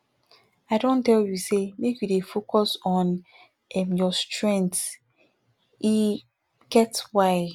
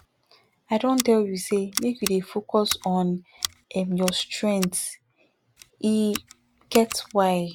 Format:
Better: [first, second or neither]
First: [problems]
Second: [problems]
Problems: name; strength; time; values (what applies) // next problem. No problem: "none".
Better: first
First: none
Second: background sound (Scissors); 12 dB below the speech